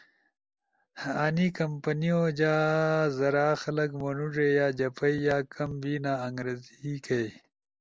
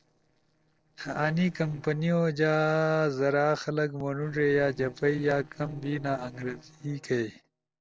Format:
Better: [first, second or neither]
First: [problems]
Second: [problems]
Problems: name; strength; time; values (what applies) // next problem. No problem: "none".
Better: first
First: none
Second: noise reduction (neural separator model SepFormer DNS4)